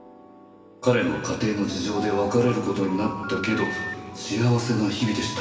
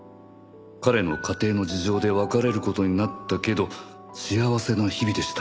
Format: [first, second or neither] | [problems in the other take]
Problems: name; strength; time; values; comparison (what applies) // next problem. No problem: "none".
second | background sound (Telephone); 10 dB below the speech // room echo; dies away in 2.3 s